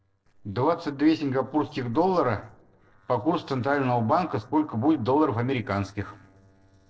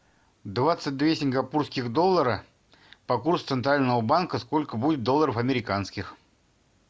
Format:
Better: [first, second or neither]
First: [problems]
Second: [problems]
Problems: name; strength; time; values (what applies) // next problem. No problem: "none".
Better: second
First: noise reduction (neural separator model SepFormer DNS4)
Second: none